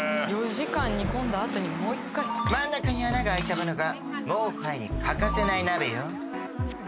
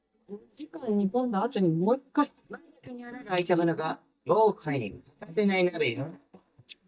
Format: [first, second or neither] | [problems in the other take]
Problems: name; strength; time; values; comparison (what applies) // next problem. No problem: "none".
first | noise reduction (neural mask model DeepFilterNet 3)